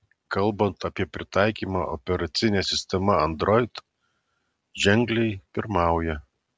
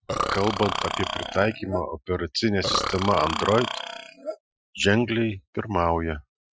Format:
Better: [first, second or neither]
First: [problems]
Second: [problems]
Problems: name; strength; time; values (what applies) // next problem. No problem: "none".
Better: first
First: none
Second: noise reduction (classical method Wiener filter)